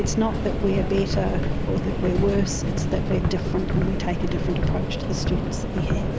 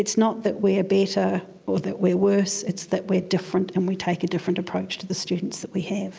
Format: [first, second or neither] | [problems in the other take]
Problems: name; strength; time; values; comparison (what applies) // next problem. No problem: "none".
second | background sound (Subway, metro, underground); 3 dB above the speech